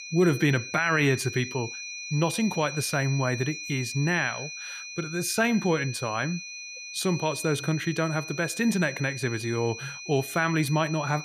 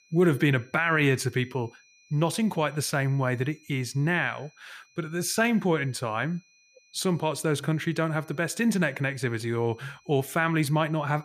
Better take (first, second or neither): second